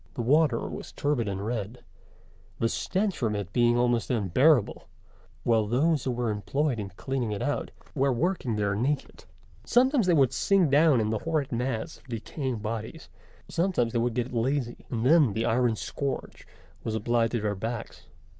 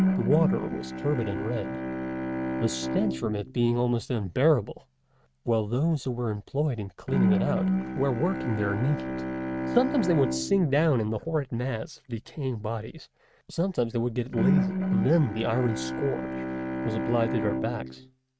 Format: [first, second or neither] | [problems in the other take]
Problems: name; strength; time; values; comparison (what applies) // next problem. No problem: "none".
first | noise reduction (neural mask model RNNoise)